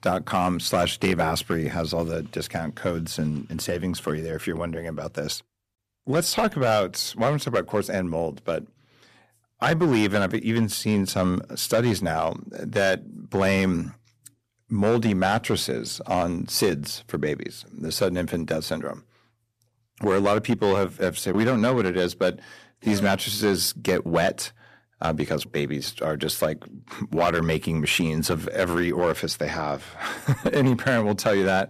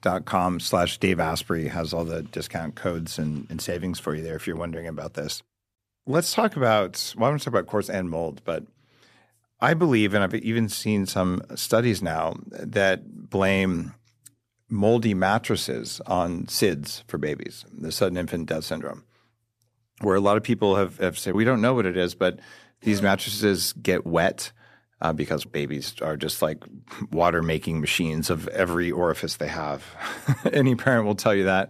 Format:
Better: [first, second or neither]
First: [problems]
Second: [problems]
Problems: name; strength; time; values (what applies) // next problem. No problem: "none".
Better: second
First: distortion; slight; 3% of the sound clipped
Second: none